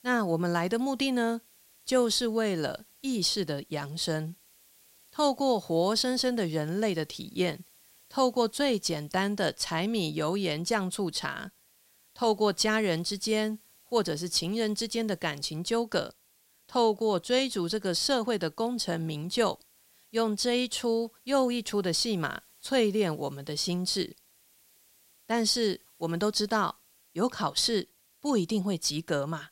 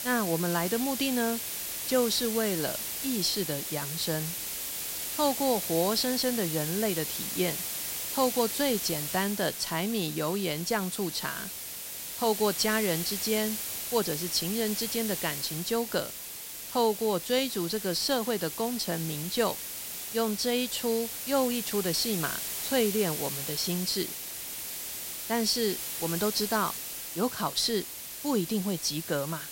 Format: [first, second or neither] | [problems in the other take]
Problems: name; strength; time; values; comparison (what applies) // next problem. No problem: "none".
first | hiss; loud; throughout; 4 dB below the speech; faint in the first